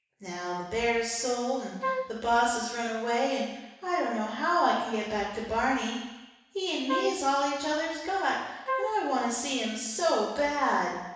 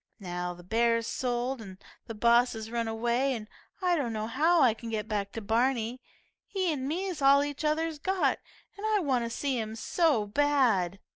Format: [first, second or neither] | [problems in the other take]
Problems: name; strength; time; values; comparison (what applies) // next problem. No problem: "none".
second | background sound (Wind instrument, woodwind instrument); 5 dB below the speech // room echo; dies away in 1.1 s